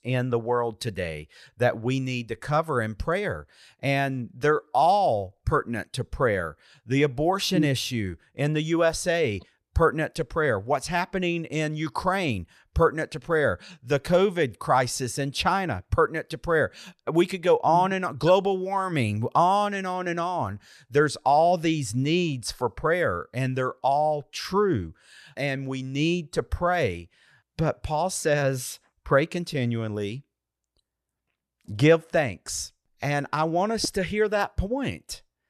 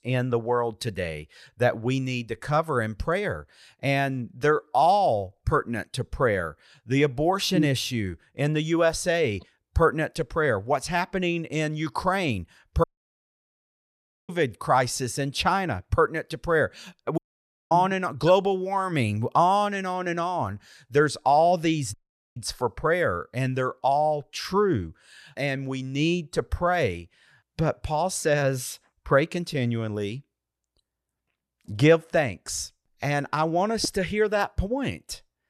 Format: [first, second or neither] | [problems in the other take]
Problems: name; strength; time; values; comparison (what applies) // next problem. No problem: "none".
first | audio cutting out; at 13 s for 1.5 s, at 17 s for 0.5 s and at 22 s